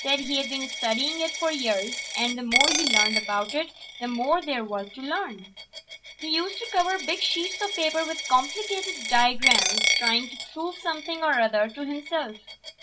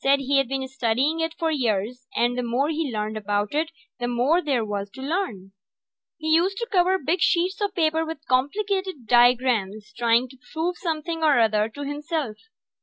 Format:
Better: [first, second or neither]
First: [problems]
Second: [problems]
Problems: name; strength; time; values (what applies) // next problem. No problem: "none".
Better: second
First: background sound (Coin (dropping)); 2 dB below the speech // room echo; dies away in 0.2 s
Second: none